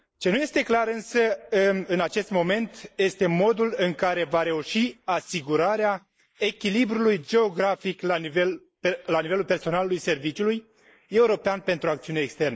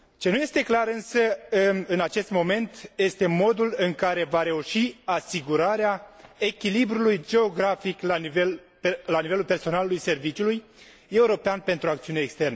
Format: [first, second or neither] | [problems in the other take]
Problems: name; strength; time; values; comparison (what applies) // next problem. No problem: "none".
second | noise reduction (neural mask model Resemble Enhance denoiser)